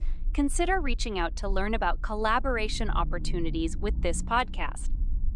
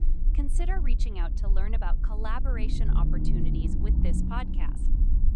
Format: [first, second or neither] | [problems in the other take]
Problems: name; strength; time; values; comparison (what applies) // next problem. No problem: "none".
first | low rumble; loud; throughout; 4 dB below the speech; faint in the first